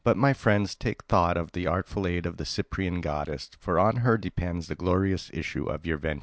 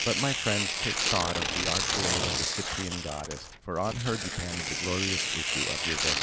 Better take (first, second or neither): first